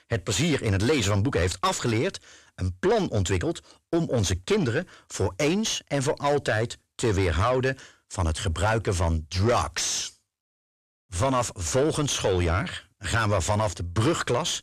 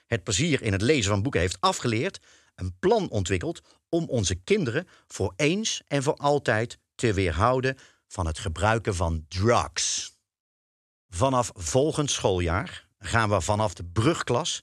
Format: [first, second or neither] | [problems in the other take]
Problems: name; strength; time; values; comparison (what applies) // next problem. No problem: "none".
second | distortion; heavy; 7 dB below the speech